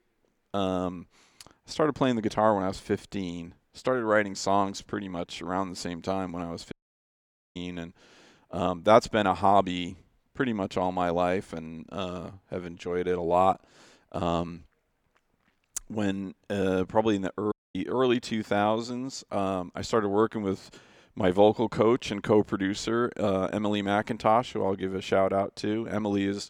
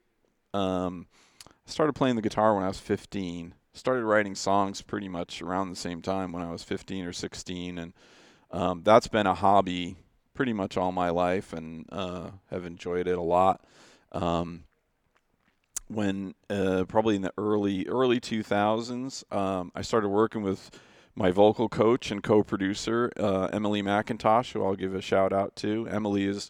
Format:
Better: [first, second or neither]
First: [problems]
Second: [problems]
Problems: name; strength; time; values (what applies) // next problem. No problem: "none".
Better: second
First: audio cutting out; at 6.5 s for 1 s and at 18 s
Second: none